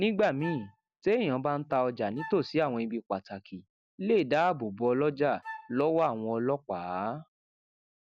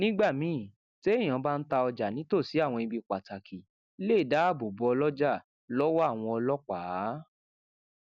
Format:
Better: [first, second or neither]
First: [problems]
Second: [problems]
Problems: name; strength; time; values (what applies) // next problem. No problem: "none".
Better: second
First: background sound (Wind instrument, woodwind instrument); 16 dB below the speech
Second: none